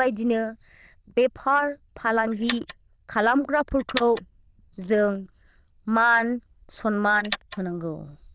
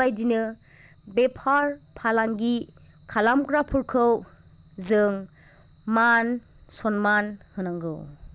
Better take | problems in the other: second | noise reduction (neural diffusion model UNIVERSE++)

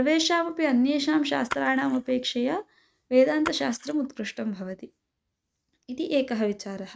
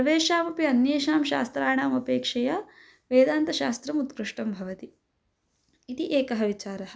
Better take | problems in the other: second | noise reduction (neural mask model RNNoise)

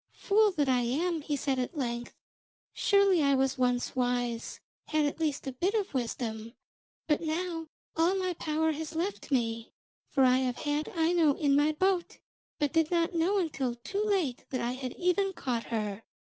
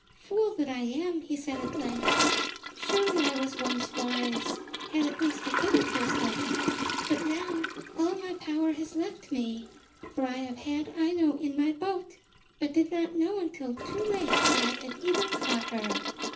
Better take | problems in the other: first | background sound (Toilet flush / Gurgling); 2 dB below the speech // room echo; dies away in 0.3 s

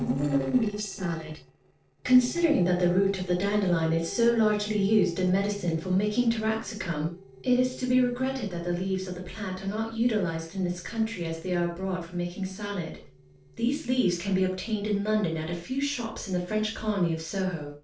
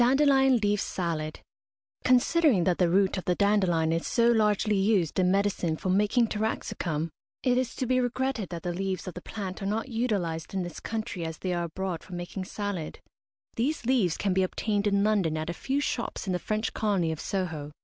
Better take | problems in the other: second | noise reduction (neural separator model SepFormer DNS4)

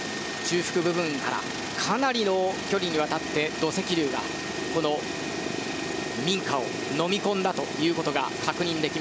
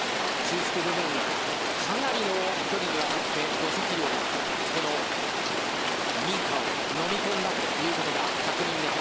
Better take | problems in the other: first | background sound (Rain); 4 dB above the speech

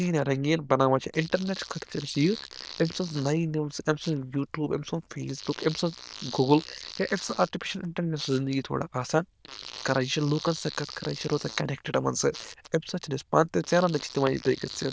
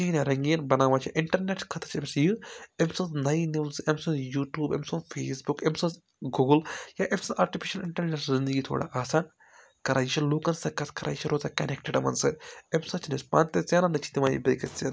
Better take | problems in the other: second | noise reduction (neural diffusion model UNIVERSE++)

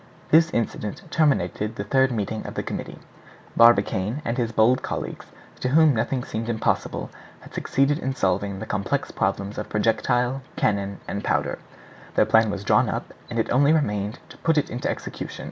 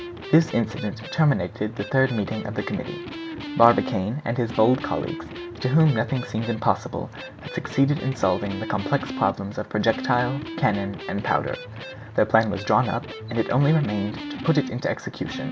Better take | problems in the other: first | background sound (Electric guitar); 11 dB below the speech

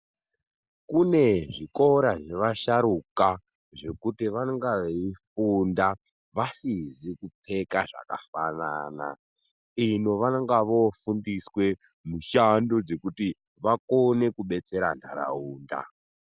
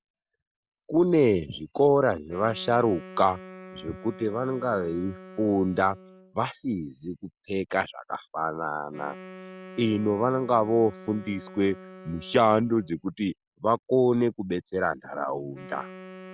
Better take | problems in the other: first | background sound (Wind instrument, woodwind instrument); 20 dB below the speech

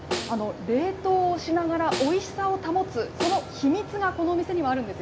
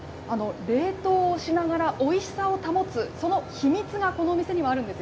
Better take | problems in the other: second | background sound (Snare drum); 11 dB below the speech

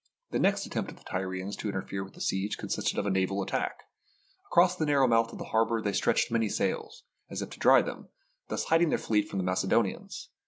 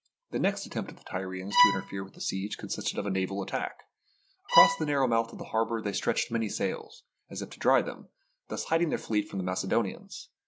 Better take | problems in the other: first | background sound (Bowed string instrument); 3 dB above the speech

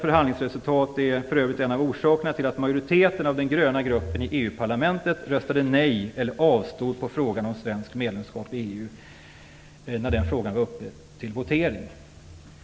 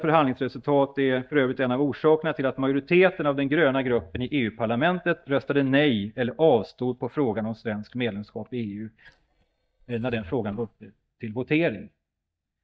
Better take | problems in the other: first | noise reduction (neural mask model DeepFilterNet 3)

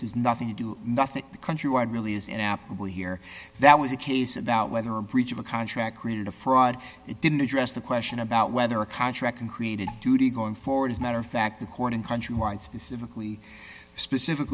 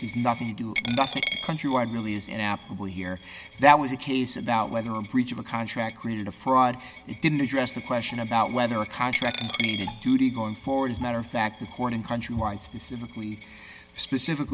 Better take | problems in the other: first | background sound (Coin (dropping)); 12 dB below the speech

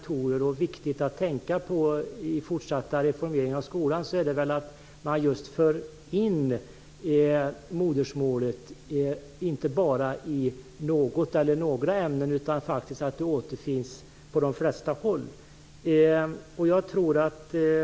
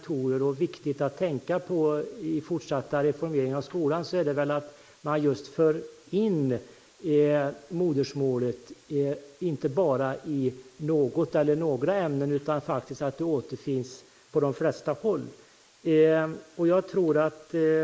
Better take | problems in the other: first | noise reduction (neural mask model Resemble Enhance denoiser)

